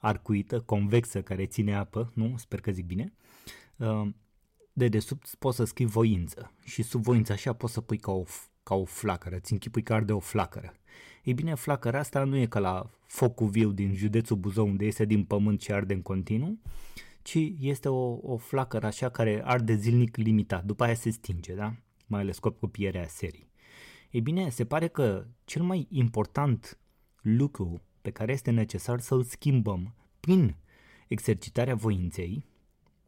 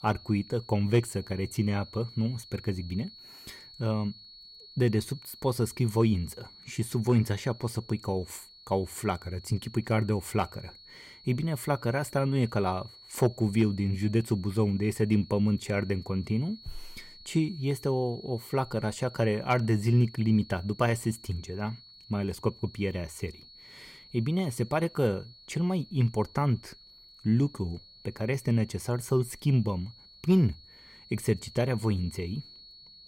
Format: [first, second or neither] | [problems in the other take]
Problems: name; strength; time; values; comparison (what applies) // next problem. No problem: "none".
first | high-pitched whine; noticeable; throughout; 4.5 kHz, 20 dB below the speech